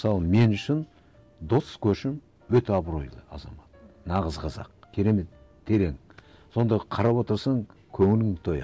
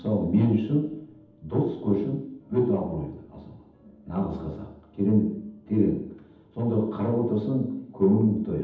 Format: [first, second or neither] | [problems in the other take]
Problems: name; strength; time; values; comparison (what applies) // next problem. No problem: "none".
first | room echo; dies away in 0.8 s